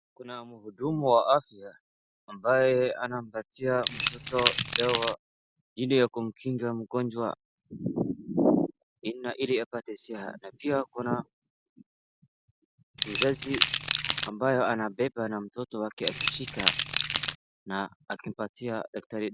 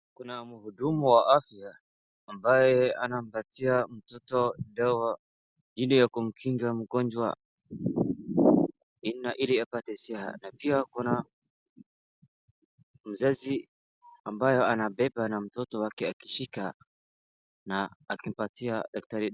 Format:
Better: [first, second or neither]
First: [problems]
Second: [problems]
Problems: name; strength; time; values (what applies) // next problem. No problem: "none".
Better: second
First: background sound (Rattle / Keys jangling); as loud as the speech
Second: none